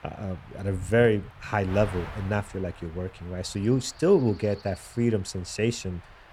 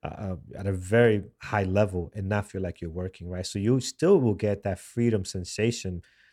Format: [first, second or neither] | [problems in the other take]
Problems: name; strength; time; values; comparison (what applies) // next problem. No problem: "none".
second | wind noise on the microphone; occasional gusts; 15 dB below the speech